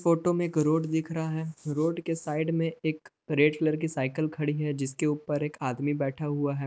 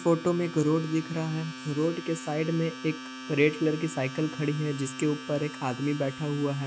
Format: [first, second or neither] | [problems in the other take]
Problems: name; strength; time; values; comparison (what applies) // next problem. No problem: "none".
first | background sound (Domestic sounds, home sounds); 12 dB below the speech